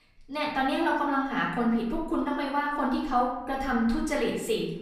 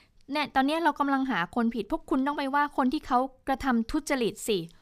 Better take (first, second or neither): second